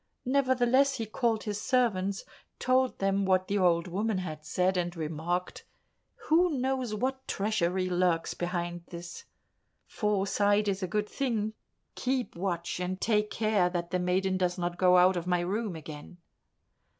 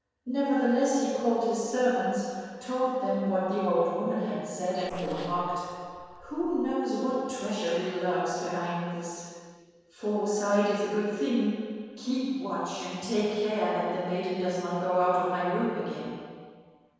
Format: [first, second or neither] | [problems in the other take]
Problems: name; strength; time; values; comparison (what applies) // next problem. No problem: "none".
first | noise reduction (neural separator model SepFormer DNS4)